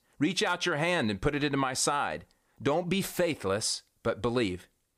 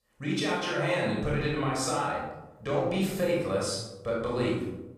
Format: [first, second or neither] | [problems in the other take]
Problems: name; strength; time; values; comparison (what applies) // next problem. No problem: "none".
first | off-mic speech; far // room echo; noticeable; dies away in 0.9 s